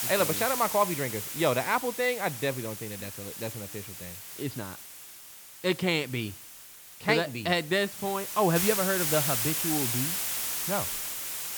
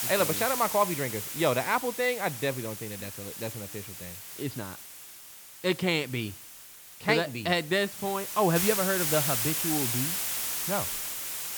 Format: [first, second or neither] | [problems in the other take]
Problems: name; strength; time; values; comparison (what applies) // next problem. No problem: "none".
neither | hiss; loud; throughout; 2 dB below the speech; the same in both